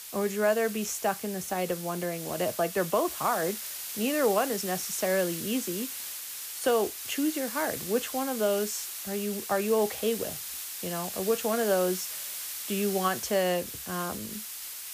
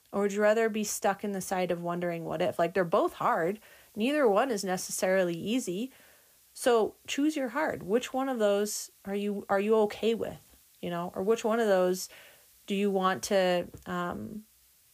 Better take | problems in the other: second | hiss; loud; throughout; 6 dB below the speech; faint in the second

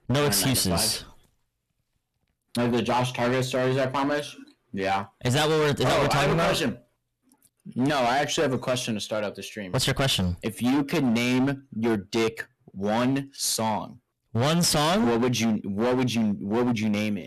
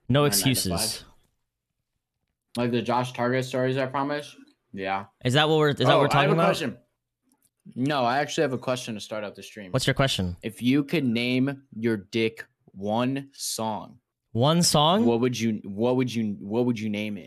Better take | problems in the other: second | distortion; heavy; 18% of the sound clipped

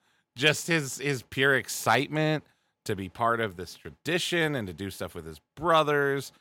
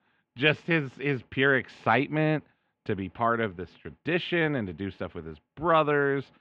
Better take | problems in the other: first | muffled; very; fading above 3 kHz

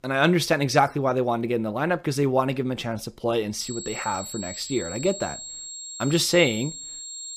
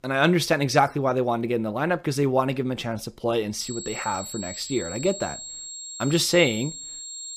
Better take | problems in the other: neither | high-pitched whine; noticeable; from 3.5 s on; 7.5 kHz, 10 dB below the speech; the same in both

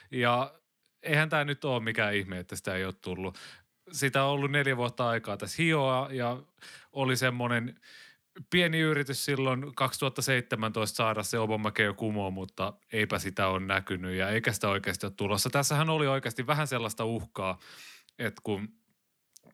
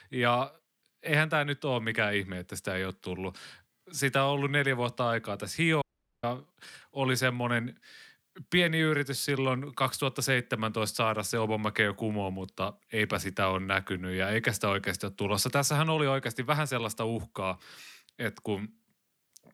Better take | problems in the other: first | audio cutting out; at 6 s

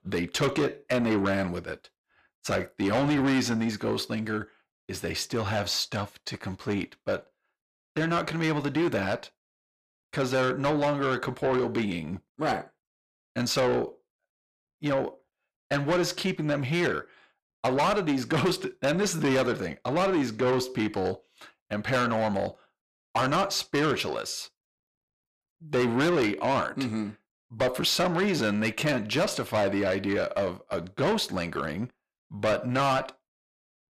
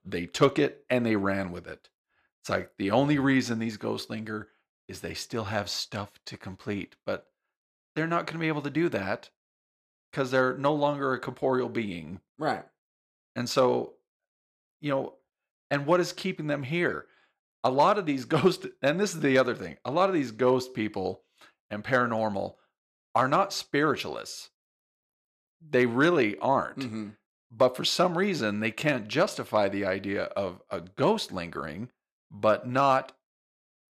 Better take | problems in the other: second | distortion; heavy; 6 dB below the speech

